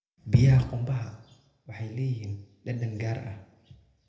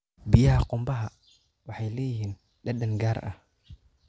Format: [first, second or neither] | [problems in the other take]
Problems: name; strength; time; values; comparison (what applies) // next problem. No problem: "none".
second | room echo; dies away in 0.7 s